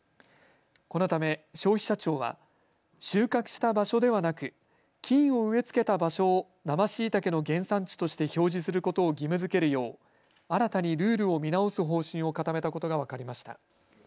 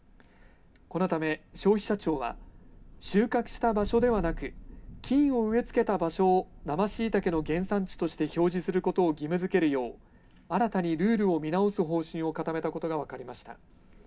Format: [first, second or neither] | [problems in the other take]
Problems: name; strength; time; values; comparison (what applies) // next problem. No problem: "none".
first | background sound (Thunder); 17 dB below the speech // room echo; dies away in 0.3 s